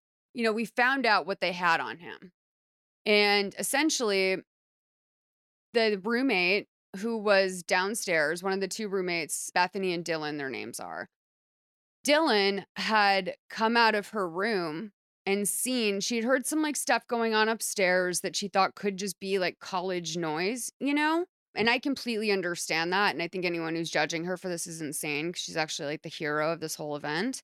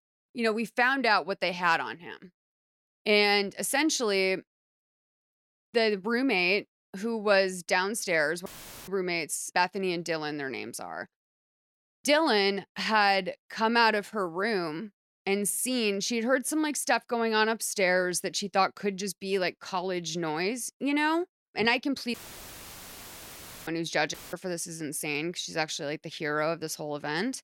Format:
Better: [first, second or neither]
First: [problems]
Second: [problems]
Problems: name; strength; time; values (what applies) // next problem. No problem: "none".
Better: first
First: none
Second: audio cutting out; filled with static; at 8.5 s, at 22 s for 1.5 s and at 24 s